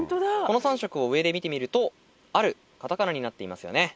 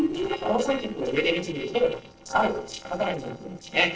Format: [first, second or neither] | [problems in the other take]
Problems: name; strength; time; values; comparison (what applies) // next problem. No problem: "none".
first | noise reduction (neural separator model SepFormer DNS4)